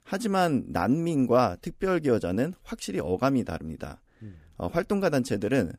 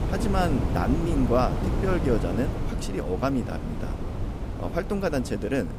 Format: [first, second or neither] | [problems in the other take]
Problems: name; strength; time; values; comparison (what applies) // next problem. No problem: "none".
first | wind noise on the microphone; heavy; 7 dB below the speech